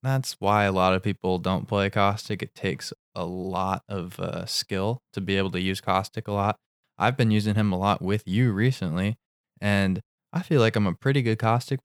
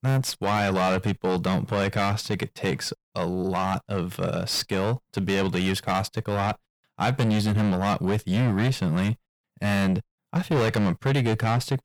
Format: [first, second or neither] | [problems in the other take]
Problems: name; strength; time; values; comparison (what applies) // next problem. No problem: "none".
first | distortion; heavy; 6 dB below the speech